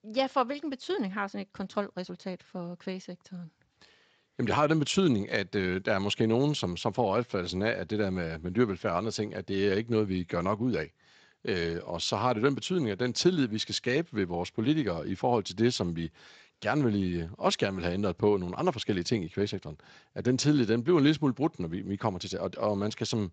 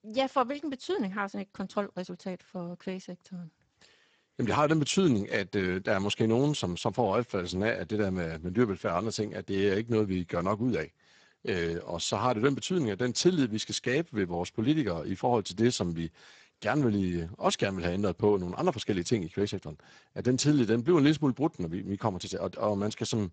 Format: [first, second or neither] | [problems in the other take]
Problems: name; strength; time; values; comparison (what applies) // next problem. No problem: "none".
first | garbled, watery; badly; nothing above 8 kHz; slightly in the first